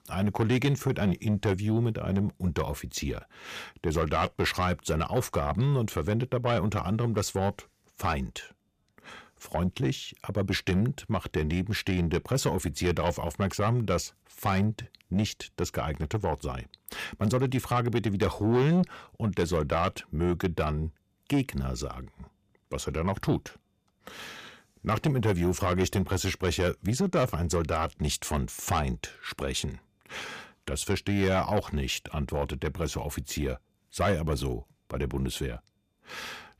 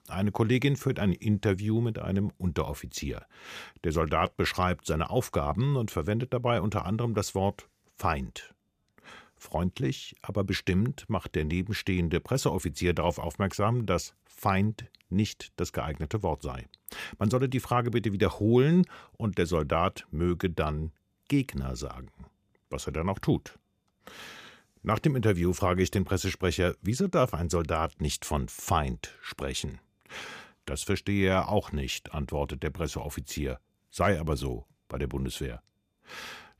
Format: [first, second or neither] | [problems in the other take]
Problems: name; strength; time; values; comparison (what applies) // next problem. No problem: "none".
second | distortion; slight; 10 dB below the speech